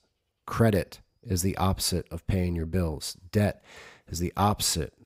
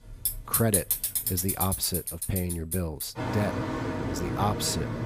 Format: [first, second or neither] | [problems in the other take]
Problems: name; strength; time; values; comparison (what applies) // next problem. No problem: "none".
first | traffic noise; very loud; throughout; 1 dB above the speech